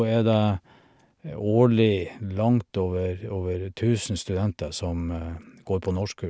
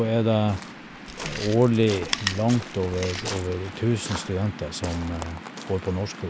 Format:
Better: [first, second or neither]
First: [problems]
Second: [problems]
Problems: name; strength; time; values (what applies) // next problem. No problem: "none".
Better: first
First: none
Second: background sound (Waves, surf + Chewing, mastication); 10 dB below the speech